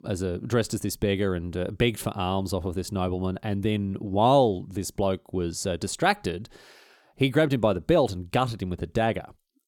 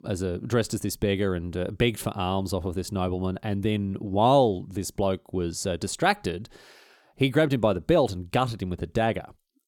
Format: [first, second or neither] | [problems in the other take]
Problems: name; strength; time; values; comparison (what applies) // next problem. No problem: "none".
neither | none